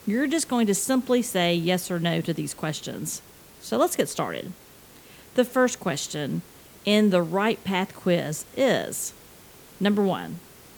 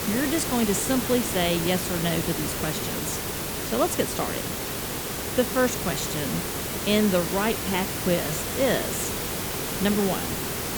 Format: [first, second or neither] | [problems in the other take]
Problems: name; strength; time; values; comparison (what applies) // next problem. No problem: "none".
first | hiss; loud; throughout; 1 dB below the speech; faint in the first